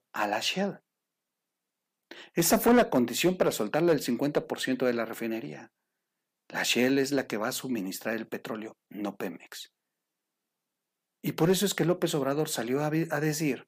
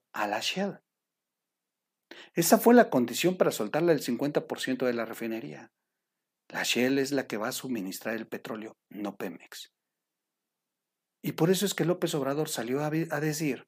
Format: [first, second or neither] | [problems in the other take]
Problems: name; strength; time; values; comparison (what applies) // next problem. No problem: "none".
second | distortion; slight; 1.1% of the sound clipped